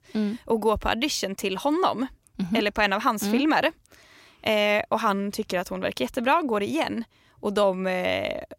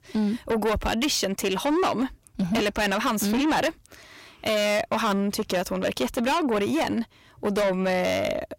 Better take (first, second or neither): first